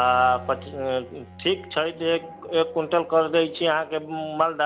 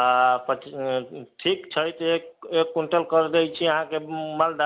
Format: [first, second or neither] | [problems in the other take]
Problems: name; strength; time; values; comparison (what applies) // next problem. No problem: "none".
second | background sound (Bowed string instrument); 20 dB below the speech